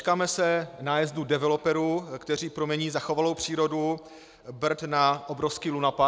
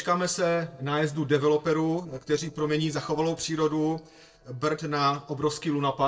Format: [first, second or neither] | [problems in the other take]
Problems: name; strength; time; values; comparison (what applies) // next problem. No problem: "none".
first | noise reduction (neural separator model SepFormer DNS4)